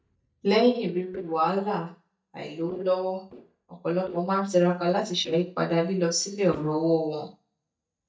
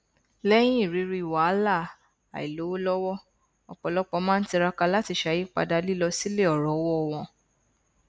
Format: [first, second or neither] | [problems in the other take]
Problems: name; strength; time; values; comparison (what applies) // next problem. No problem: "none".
second | noise reduction (neural mask model DeepFilterNet 3)